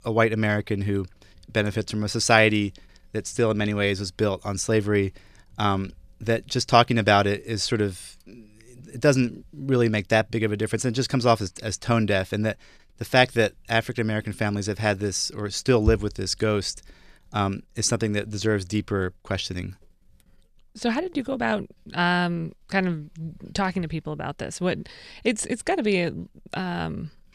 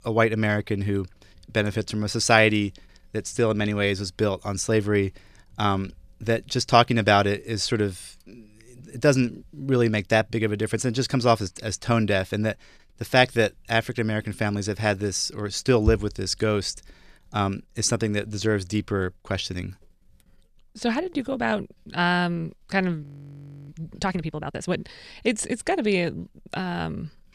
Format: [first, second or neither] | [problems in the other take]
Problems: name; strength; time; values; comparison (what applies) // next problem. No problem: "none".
first | audio freezing; at 23 s for 0.5 s